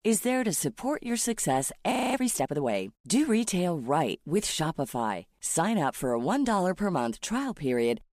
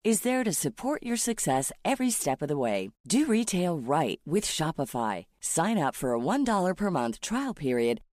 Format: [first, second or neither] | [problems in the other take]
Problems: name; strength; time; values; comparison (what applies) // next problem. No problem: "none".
second | audio freezing; at 2 s